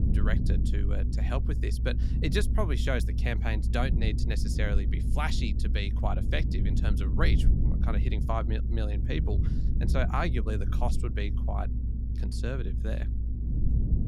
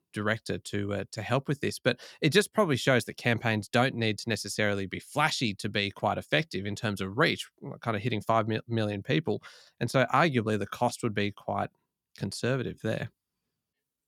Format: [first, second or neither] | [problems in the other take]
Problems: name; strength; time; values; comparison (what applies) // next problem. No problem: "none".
second | low rumble; loud; throughout; 8 dB below the speech